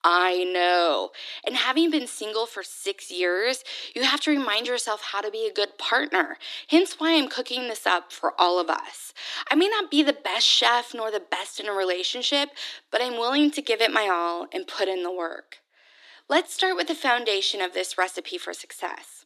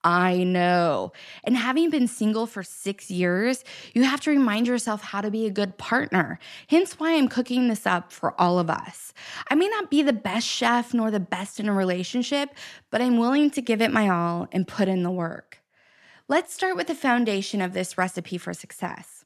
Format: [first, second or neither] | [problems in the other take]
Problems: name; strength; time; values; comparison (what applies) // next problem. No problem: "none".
second | thin; somewhat; fading below 300 Hz